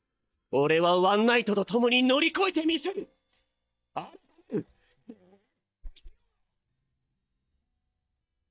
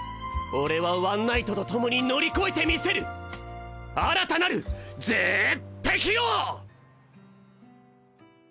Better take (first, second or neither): second